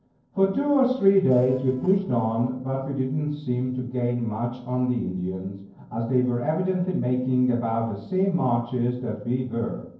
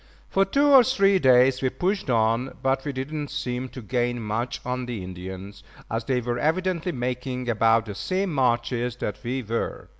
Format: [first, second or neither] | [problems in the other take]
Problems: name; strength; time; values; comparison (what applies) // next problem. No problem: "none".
second | noise reduction (neural separator model SepFormer DNS4)